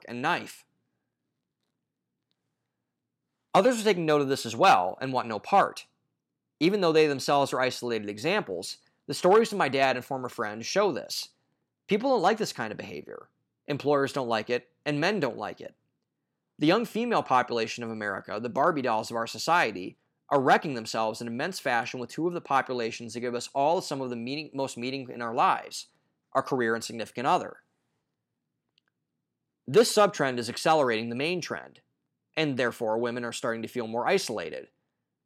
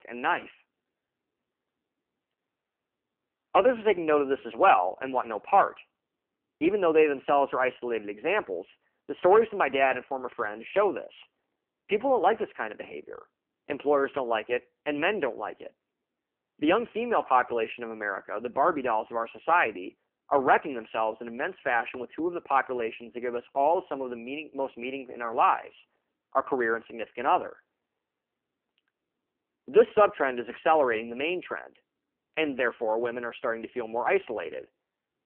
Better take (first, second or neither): first